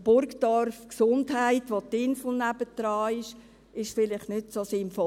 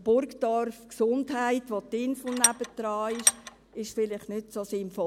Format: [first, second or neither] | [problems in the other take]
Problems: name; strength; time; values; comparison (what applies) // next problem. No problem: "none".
first | background sound (Tools); as loud as the speech